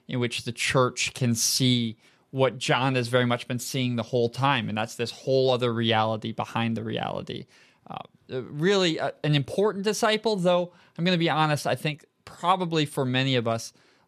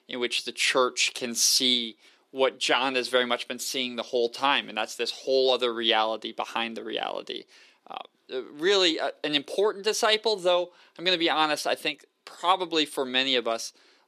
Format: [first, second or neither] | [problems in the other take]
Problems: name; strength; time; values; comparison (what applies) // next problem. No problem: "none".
first | thin; somewhat; fading below 300 Hz